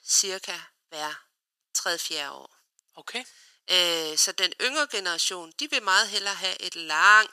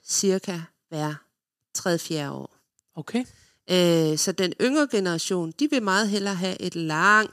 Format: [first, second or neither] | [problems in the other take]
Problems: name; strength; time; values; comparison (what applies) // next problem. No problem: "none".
second | thin; very; fading below 850 Hz